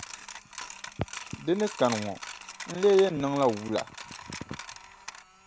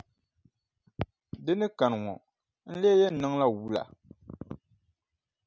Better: second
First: background sound (Coin (dropping)); 13 dB below the speech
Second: none

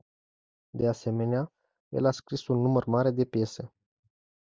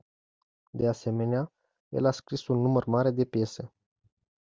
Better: second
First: noise reduction (neural mask model Resemble Enhance denoiser)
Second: none

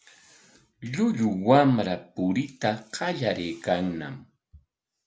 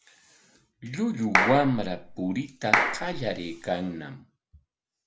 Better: first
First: none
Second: background sound (Clapping); 1 dB above the speech

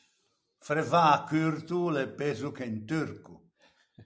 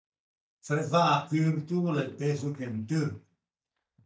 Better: first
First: none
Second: noise reduction (neural mask model DeepFilterNet 3)

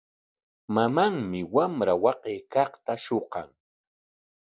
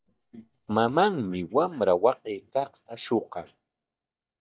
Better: first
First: none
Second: noise reduction (neural mask model DeepFilterNet 3)

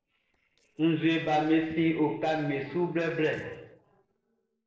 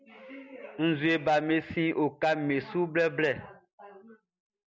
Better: second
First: noise reduction (neural separator model SepFormer DNS4)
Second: none

